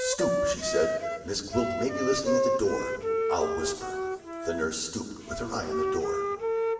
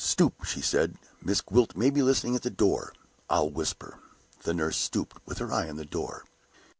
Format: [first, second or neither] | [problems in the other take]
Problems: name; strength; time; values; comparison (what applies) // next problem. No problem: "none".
second | background sound (Wind instrument, woodwind instrument); 1 dB above the speech // room echo; dies away in 2 s